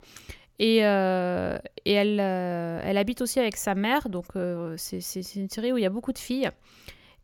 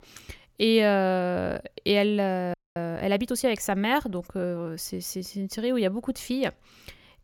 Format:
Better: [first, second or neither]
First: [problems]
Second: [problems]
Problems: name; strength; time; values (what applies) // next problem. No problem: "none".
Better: first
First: none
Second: audio freezing; at 2.5 s